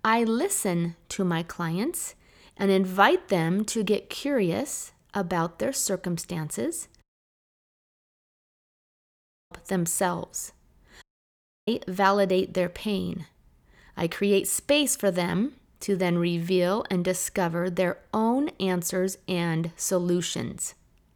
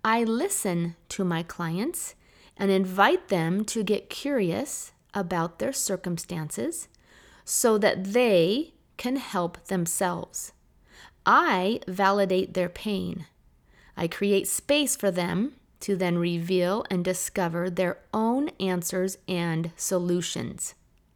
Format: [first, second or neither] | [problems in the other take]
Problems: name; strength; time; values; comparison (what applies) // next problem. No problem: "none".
second | audio cutting out; at 7 s for 2.5 s and at 11 s for 0.5 s